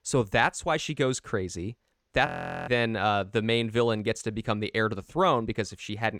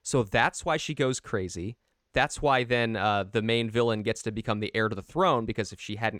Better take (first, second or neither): second